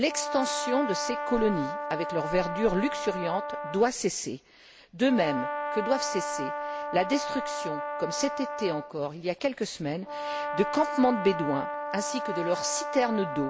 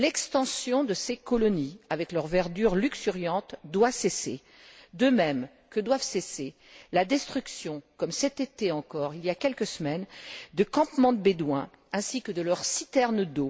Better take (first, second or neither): second